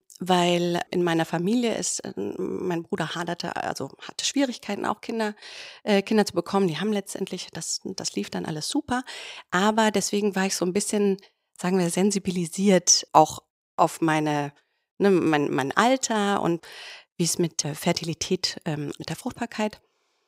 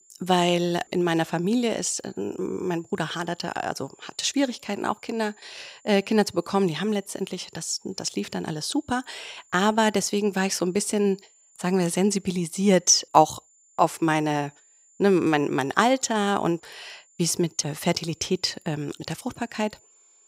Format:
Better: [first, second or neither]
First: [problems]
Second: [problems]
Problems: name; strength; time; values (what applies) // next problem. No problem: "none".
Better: first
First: none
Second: high-pitched whine; faint; throughout; 7 kHz, 30 dB below the speech